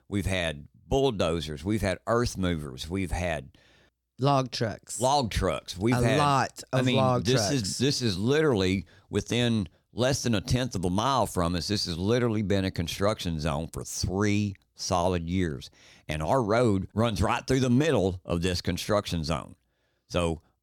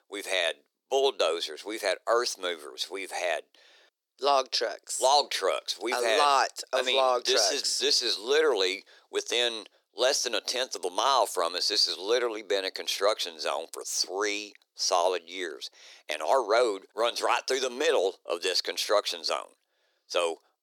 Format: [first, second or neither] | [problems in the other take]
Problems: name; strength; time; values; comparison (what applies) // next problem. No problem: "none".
first | thin; very; fading below 400 Hz